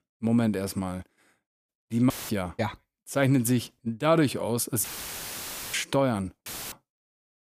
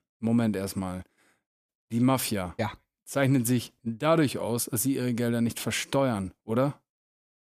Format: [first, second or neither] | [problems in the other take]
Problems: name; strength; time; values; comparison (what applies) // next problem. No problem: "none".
second | audio cutting out; filled with static; at 2 s, at 5 s for 1 s and at 6.5 s